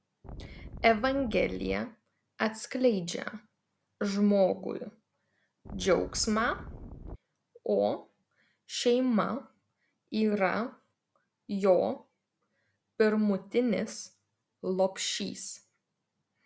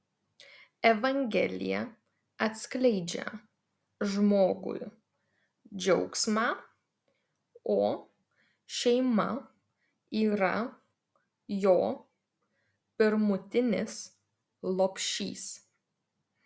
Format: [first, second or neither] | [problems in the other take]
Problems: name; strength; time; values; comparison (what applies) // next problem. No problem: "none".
second | background sound (Wind); 12 dB below the speech